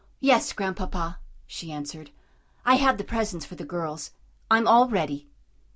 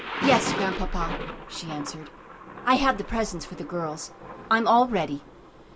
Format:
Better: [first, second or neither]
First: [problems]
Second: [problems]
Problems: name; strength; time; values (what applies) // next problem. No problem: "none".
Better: first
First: none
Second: background sound (Thunder); 8 dB below the speech